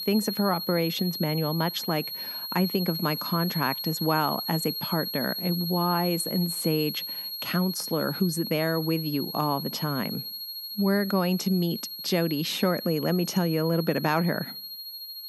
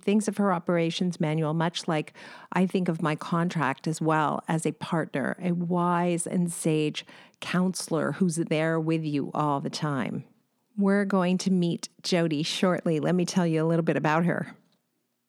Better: second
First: high-pitched whine; loud; throughout; 4.5 kHz, 5 dB below the speech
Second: none

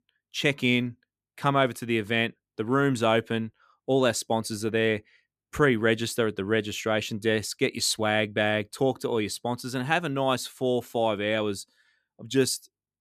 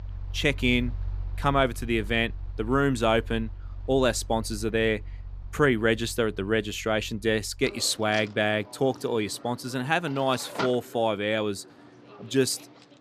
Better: first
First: none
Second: machinery noise; noticeable; throughout; 15 dB below the speech

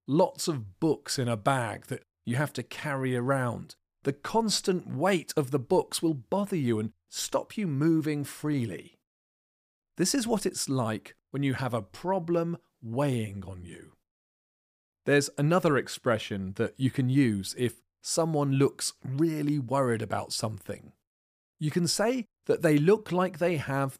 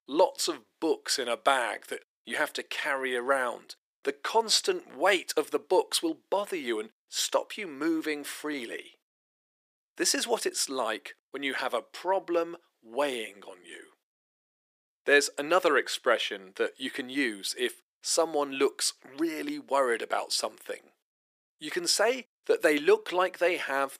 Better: first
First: none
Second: thin; somewhat; fading below 350 Hz

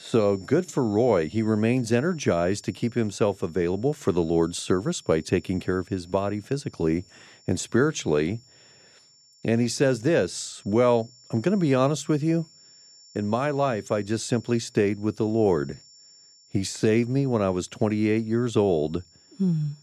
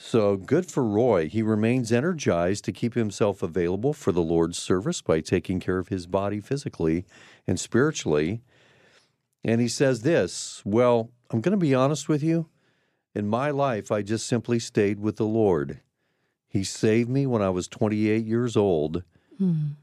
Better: second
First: high-pitched whine; faint; throughout; 5.5 kHz, 25 dB below the speech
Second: none

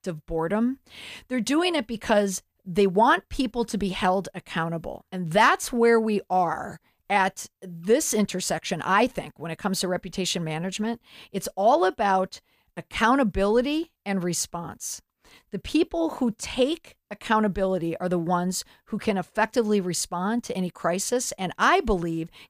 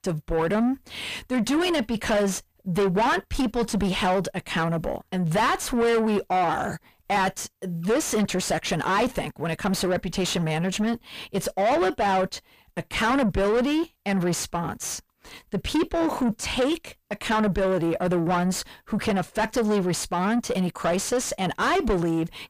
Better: first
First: none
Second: distortion; heavy; 5 dB below the speech

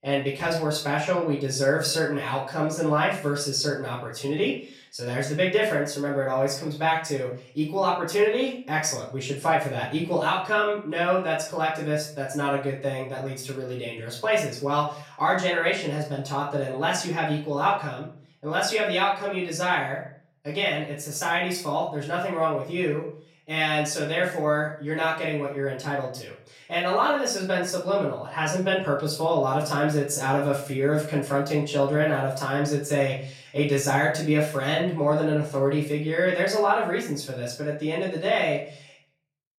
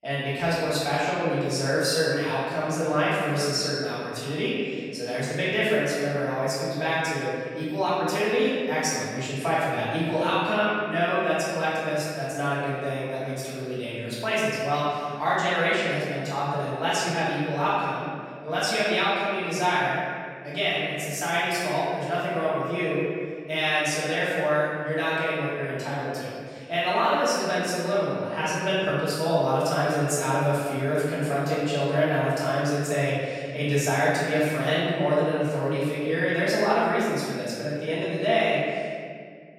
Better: first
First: room echo; slight; dies away in 0.4 s // off-mic speech; far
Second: room echo; strong; dies away in 2 s // off-mic speech; far

